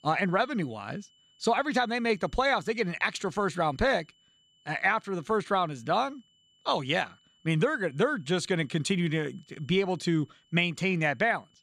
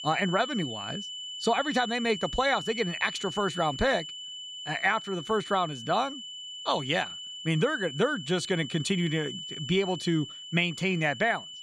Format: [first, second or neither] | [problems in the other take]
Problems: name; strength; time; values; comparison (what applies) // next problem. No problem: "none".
first | high-pitched whine; loud; throughout; 3 kHz, 9 dB below the speech; faint in the first